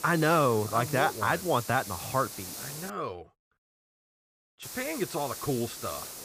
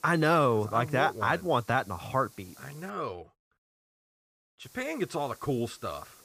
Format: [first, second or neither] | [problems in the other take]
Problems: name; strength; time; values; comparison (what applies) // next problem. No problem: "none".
second | hiss; loud; until 3 s and from 4.5 s on; 10 dB below the speech; faint in the second